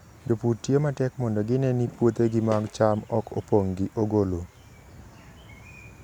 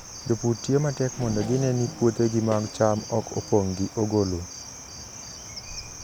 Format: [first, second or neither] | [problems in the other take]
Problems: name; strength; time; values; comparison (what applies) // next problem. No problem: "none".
first | background sound (Cricket + Race car, auto racing / Accelerating, revving, vroom); 13 dB below the speech